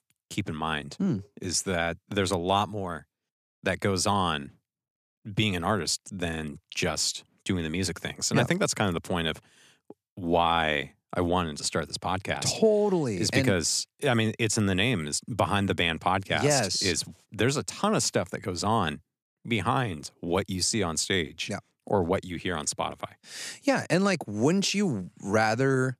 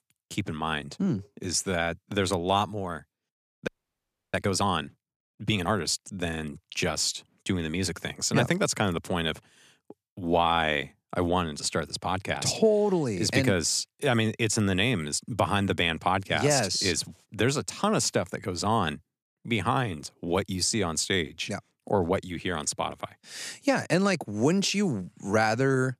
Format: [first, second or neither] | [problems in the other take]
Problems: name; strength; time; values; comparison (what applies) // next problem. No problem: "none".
first | audio freezing; at 3.5 s for 0.5 s